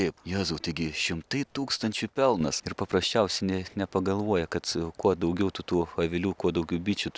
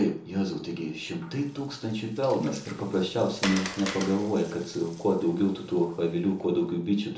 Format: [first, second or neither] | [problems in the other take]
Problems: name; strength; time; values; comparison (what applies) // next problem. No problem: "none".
first | background sound (Water); 14 dB below the speech // room echo; dies away in 1 s